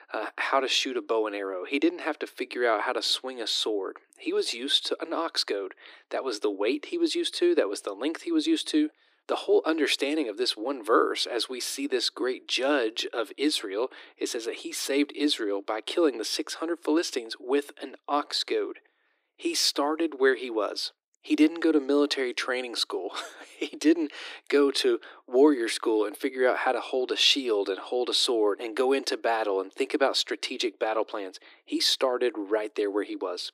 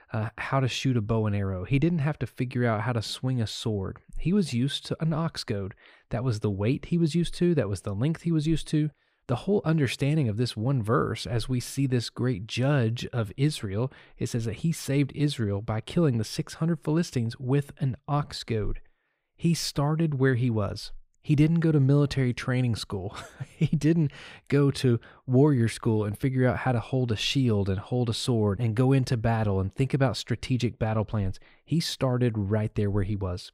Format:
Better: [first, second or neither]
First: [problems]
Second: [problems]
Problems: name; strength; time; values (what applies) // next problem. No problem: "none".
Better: second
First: thin; very; fading below 300 Hz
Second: none